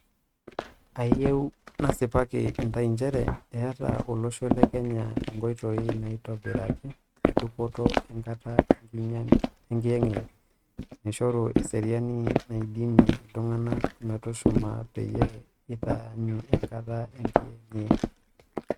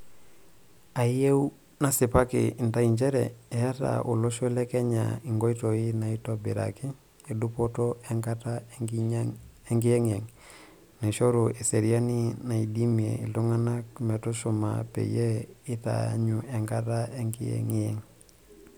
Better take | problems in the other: second | noise reduction (neural mask model RNNoise)

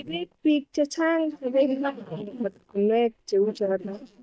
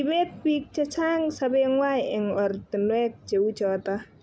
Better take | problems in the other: second | noise reduction (neural mask model DeepFilterNet 3)

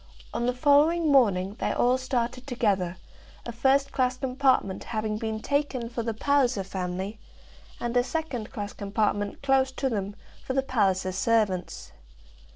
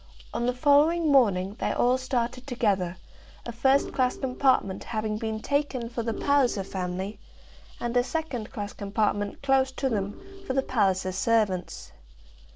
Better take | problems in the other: first | background sound (Organ); 13 dB below the speech

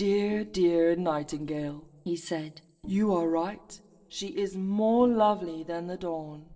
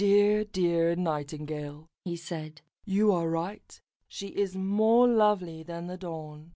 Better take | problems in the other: second | noise reduction (neural separator model SepFormer DNS4)

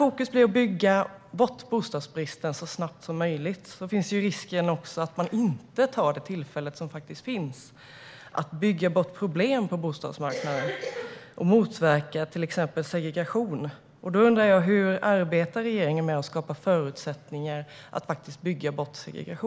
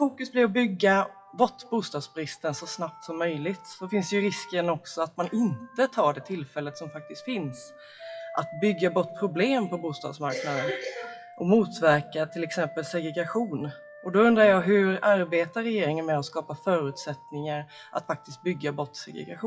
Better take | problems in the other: first | noise reduction (classical method WPE with log-MMSE)

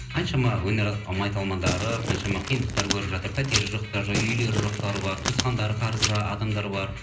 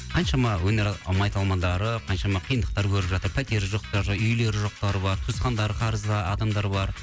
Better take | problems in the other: second | background sound (Crumpling, crinkling); 5 dB below the speech // room echo; dies away in 0.5 s

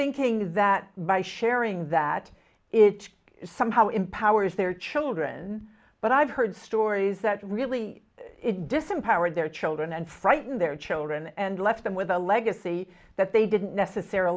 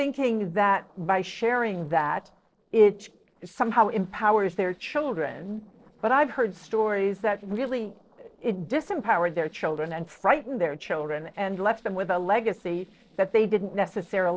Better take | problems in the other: first | noise reduction (neural separator model SepFormer DNS4)

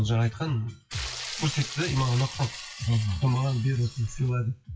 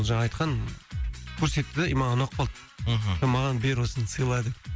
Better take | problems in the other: second | noise reduction (classical method WPE with log-MMSE)

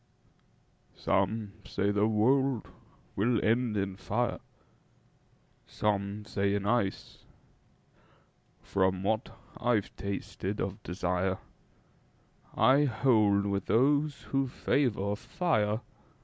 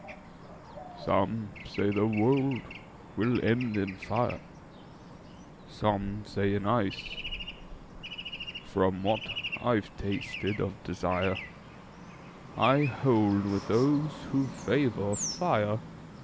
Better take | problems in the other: first | background sound (Traffic noise, roadway noise / Bird); 12 dB below the speech

